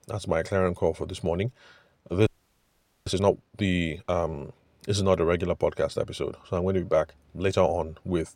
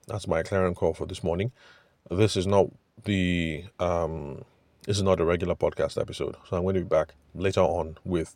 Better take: second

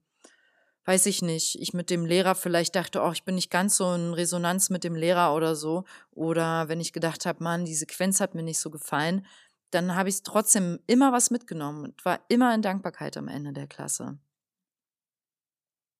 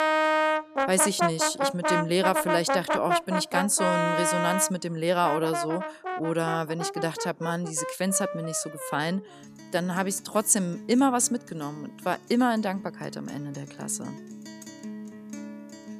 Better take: first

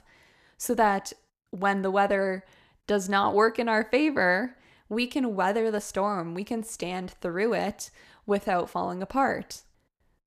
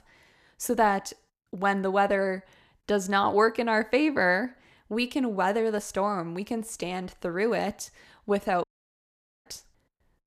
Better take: first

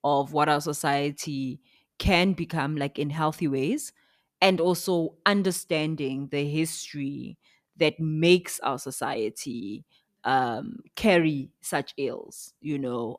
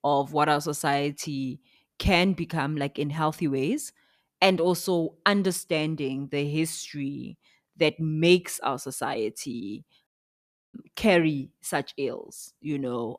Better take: first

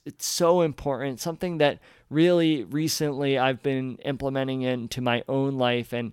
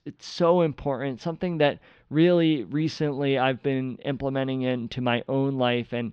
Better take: first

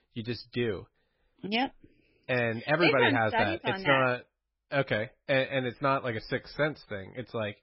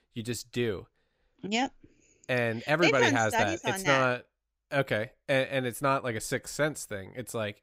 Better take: second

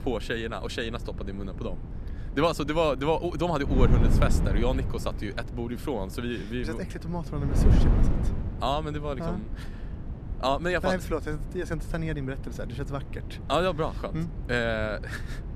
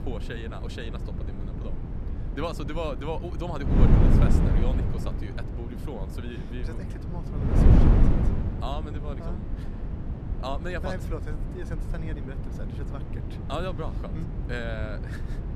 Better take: first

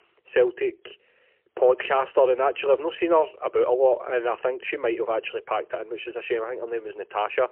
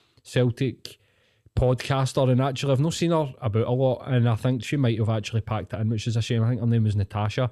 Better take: second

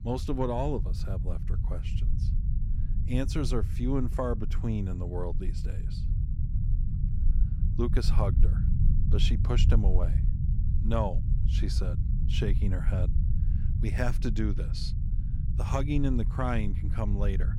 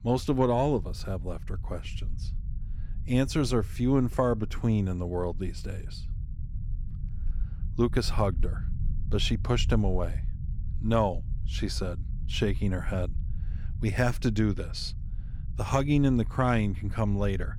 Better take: second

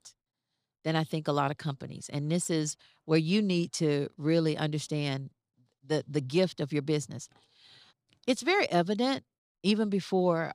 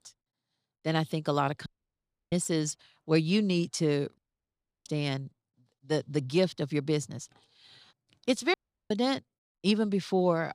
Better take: first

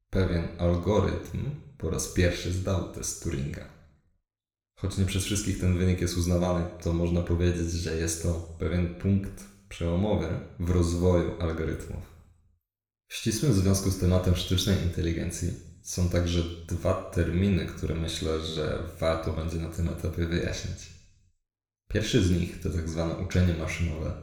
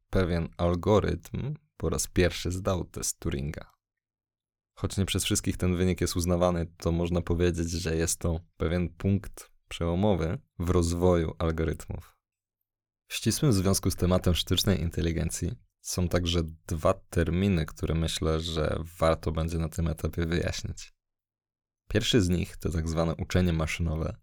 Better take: second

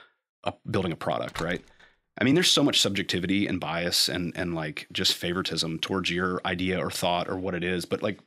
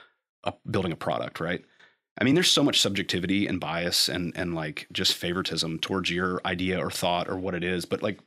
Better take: second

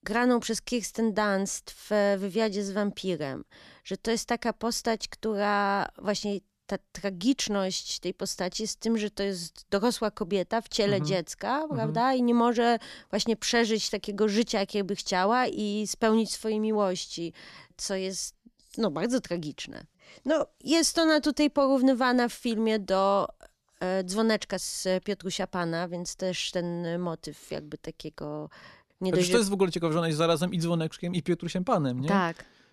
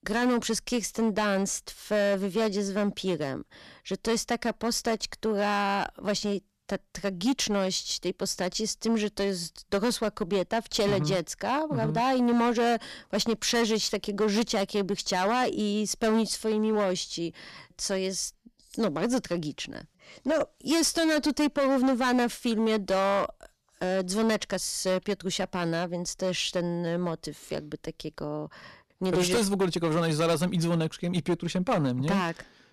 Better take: first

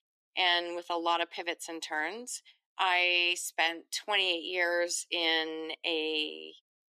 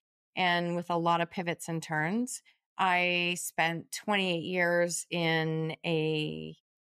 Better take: second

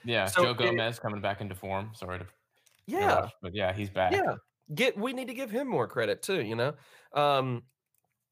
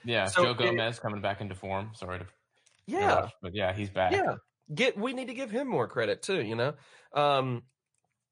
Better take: first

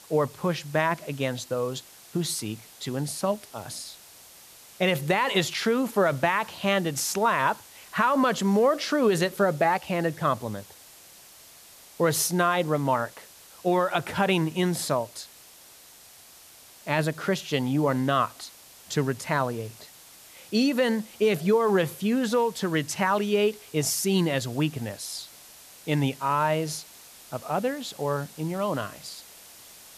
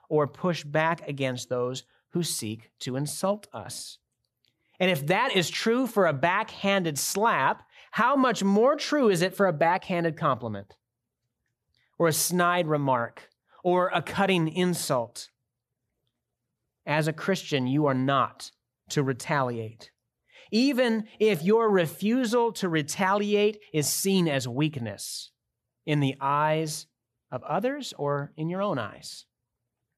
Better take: second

